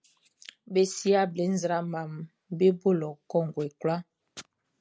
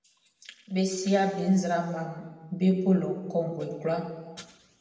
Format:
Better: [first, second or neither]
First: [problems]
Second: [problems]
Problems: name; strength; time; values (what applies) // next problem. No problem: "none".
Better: first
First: none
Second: room echo; dies away in 1.2 s